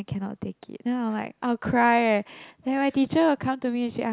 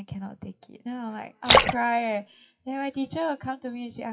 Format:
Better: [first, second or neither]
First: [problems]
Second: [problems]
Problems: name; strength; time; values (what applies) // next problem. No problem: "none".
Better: first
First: none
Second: noise reduction (classical method WPE with log-MMSE)